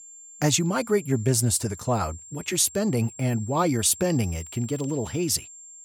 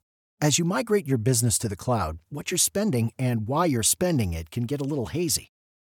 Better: second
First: high-pitched whine; noticeable; throughout; 7.5 kHz, 15 dB below the speech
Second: none

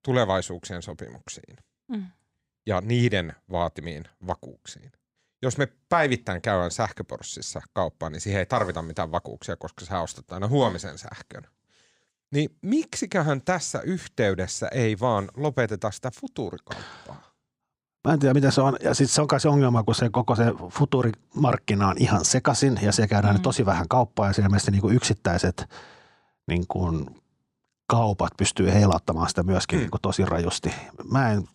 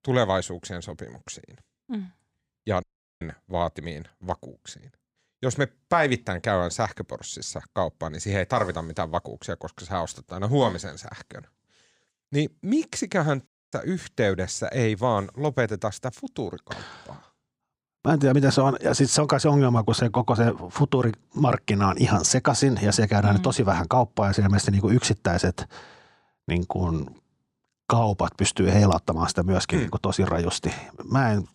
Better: first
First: none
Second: audio cutting out; at 3 s and at 13 s

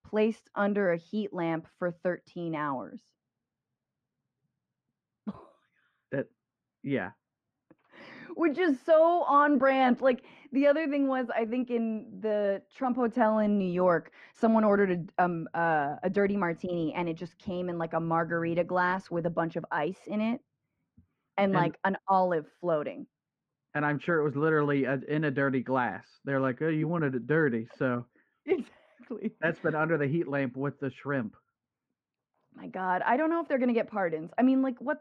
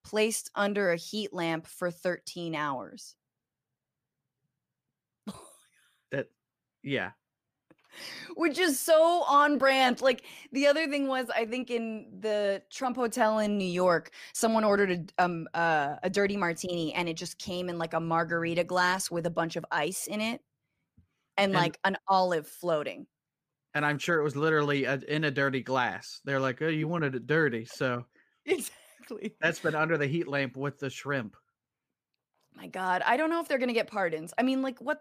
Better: second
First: muffled; very; fading above 1.5 kHz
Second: none

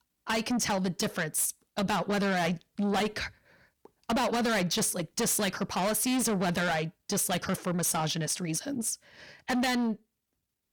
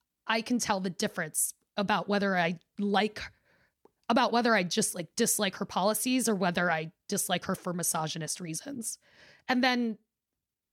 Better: second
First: distortion; heavy; 6 dB below the speech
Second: none

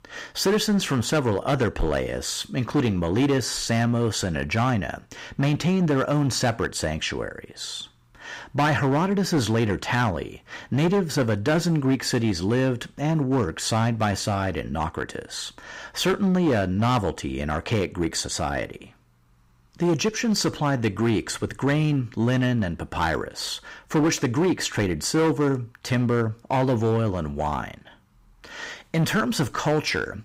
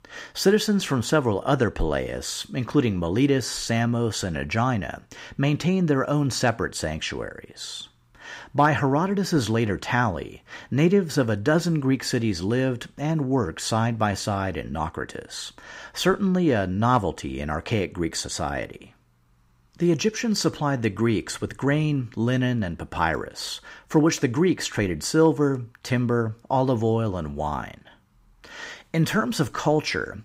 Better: second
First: distortion; slight; 8% of the sound clipped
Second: none

